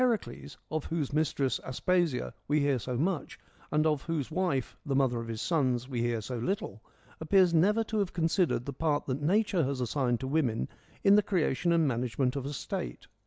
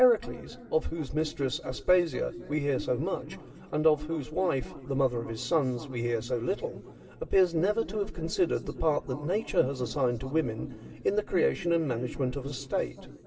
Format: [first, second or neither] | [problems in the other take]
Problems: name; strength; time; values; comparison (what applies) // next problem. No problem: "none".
first | room echo; dies away in 2.6 s